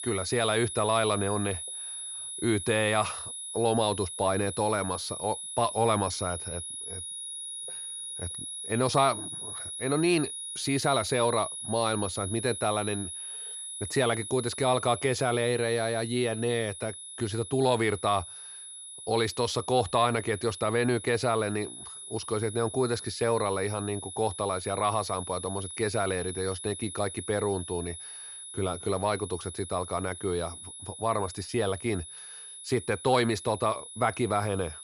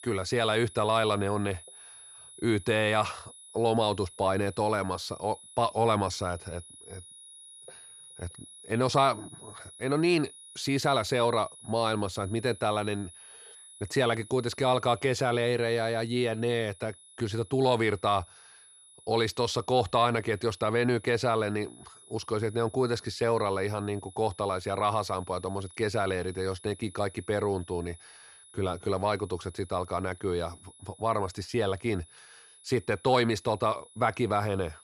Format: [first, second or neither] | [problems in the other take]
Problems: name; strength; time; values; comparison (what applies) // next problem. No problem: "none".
second | high-pitched whine; loud; throughout; 10 kHz, 8 dB below the speech; faint in the second